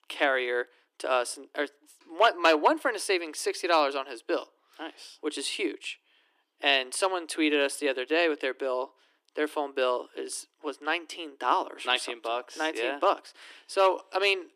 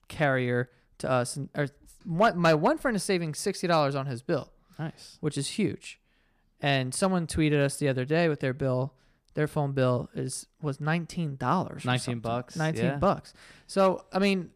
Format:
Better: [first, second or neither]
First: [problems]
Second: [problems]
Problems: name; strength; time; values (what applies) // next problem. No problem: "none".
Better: second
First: thin; very; fading below 300 Hz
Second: none